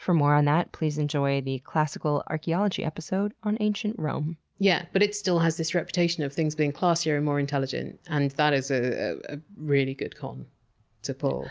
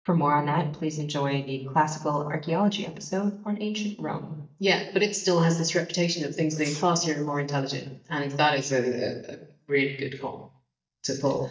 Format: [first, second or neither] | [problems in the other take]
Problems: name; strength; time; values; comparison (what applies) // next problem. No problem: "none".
first | noise reduction (neural mask model DeepFilterNet 3)